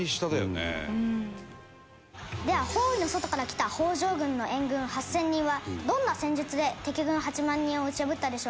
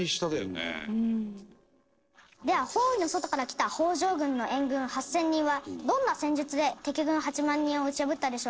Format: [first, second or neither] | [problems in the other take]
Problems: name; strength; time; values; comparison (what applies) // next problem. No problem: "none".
first | noise reduction (neural separator model SepFormer DNS4)